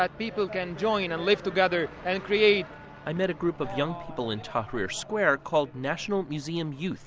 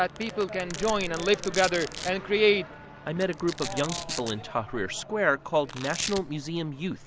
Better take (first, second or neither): first